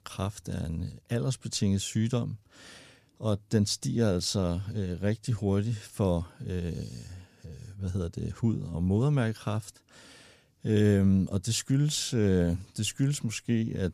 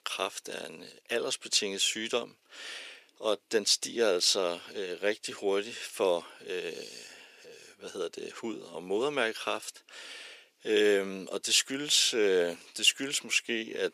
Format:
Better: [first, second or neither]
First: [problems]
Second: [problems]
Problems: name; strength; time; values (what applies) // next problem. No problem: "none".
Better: first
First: none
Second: thin; very; fading below 400 Hz